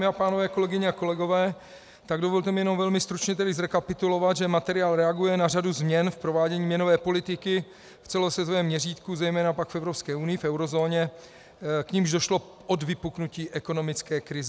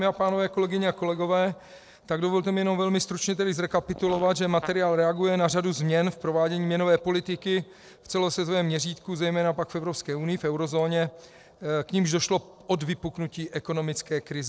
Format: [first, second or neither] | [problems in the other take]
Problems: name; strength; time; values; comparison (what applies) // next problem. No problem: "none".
first | noise reduction (neural separator model SepFormer DNS4)